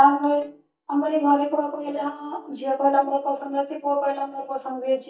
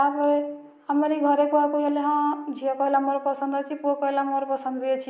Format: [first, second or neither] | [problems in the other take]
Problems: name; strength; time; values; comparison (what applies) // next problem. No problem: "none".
second | noise reduction (neural mask model DeepFilterNet 3)